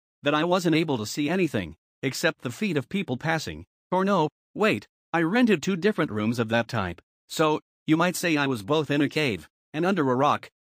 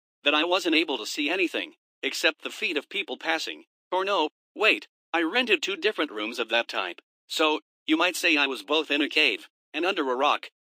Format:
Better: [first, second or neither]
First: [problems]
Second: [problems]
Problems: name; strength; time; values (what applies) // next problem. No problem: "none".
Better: first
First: none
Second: thin; somewhat; fading below 300 Hz